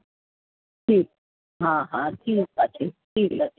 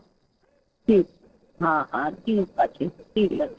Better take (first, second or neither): first